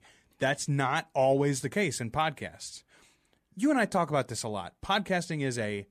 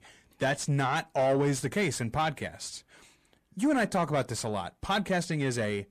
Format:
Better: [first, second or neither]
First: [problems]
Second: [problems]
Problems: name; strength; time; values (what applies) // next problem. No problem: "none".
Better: first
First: none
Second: distortion; slight; 10 dB below the speech